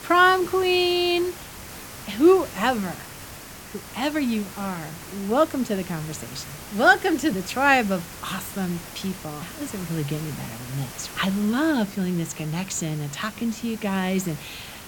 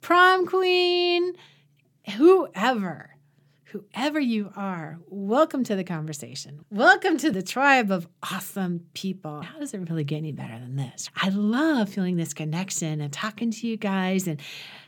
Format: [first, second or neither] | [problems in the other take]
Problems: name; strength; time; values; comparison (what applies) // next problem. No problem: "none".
second | hiss; noticeable; throughout; 15 dB below the speech